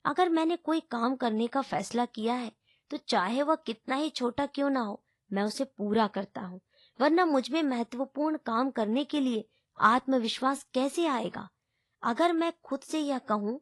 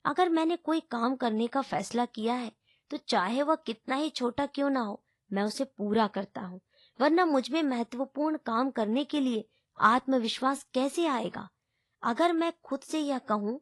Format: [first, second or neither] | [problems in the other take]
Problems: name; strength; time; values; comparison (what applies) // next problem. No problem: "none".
neither | garbled, watery; slightly; nothing above 11.5 kHz; the same in both